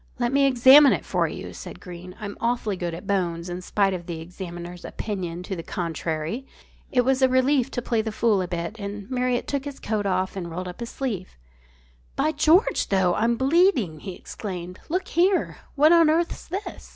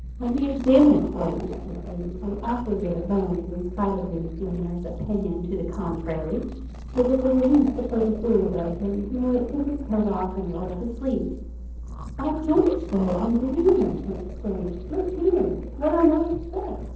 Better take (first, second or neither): first